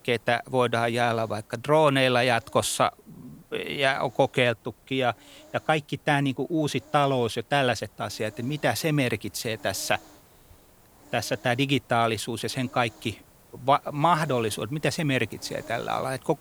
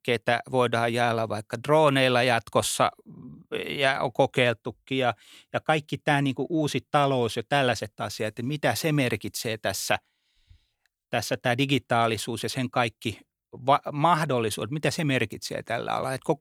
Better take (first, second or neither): second